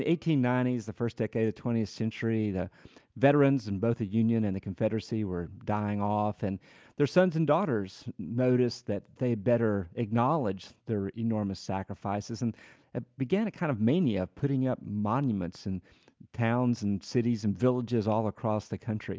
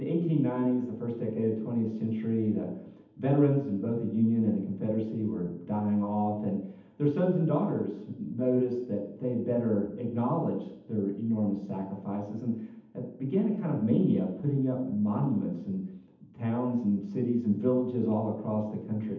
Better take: first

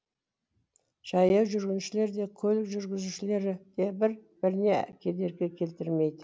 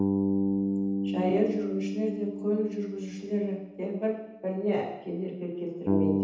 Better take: first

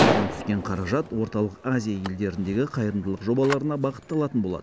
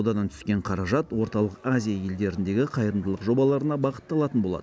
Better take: second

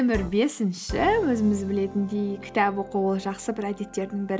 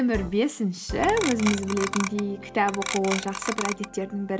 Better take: first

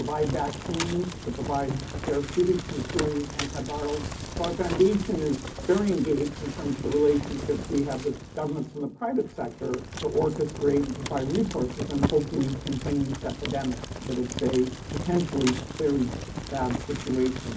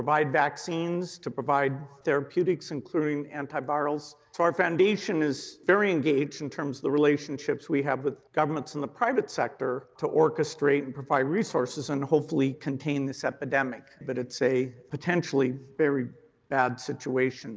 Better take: second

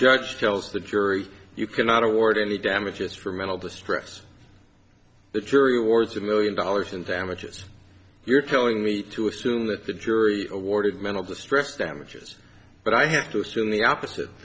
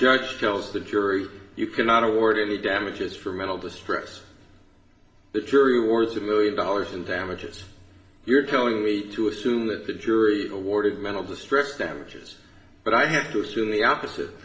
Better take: first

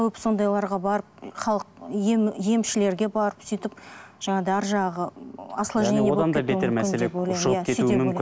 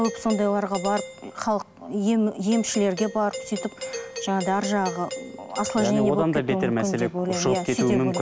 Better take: first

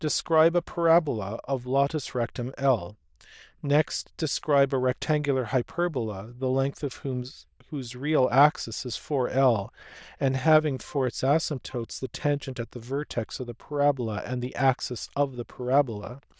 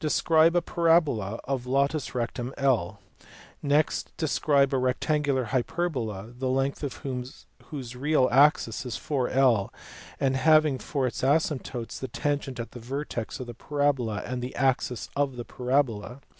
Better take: second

